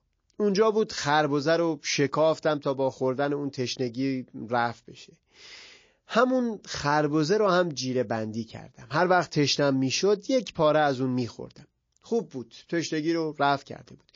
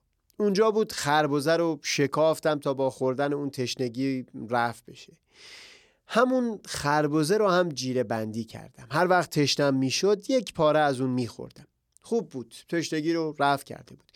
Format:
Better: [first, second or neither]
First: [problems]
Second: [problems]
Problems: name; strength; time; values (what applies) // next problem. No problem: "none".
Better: second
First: garbled, watery; slightly; nothing above 6.5 kHz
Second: none